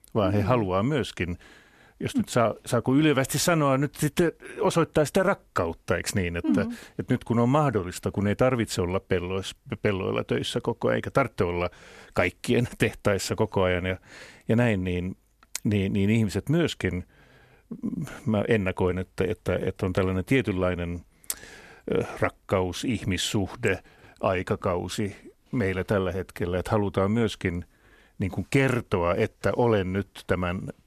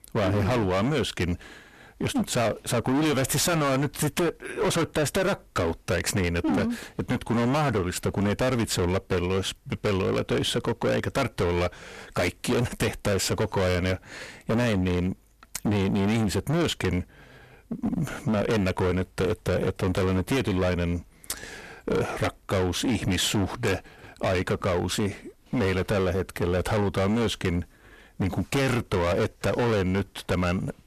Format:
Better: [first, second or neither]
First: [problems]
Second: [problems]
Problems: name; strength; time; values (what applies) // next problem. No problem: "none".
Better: first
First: none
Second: distortion; heavy; 24% of the sound clipped